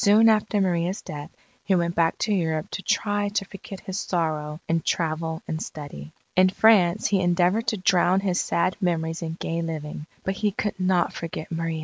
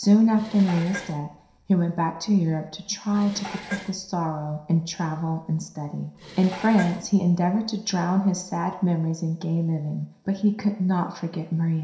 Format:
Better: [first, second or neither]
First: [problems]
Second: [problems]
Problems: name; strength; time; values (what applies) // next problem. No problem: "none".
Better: first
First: none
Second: background sound (Dishes, pots, and pans); 18 dB below the speech // room echo; dies away in 0.7 s